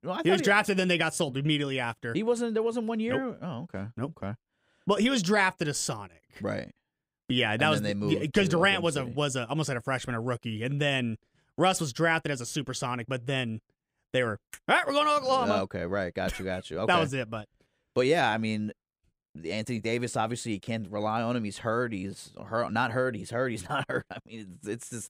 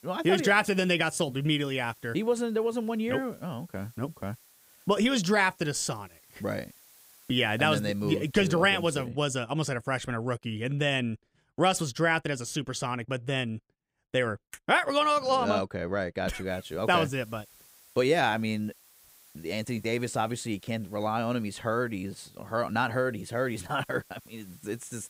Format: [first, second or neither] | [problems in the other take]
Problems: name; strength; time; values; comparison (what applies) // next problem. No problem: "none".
first | hiss; faint; until 9 s and from 16 s on; 25 dB below the speech